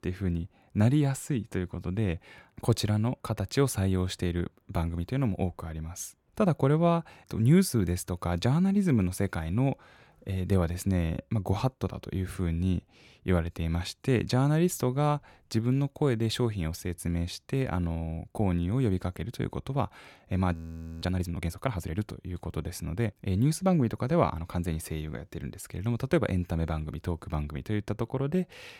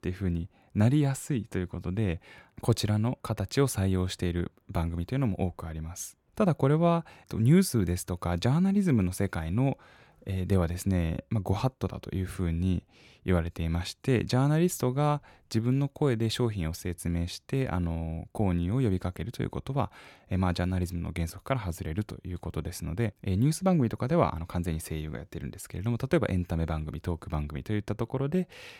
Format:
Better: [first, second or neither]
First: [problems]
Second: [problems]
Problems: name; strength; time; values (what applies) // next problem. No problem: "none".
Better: second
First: audio freezing; at 21 s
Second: none